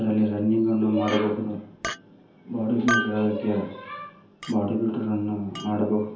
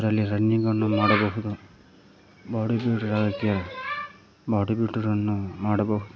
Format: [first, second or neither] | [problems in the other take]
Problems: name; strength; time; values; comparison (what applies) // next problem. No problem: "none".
second | background sound (Chink, clink); 11 dB below the speech // room echo; dies away in 0.5 s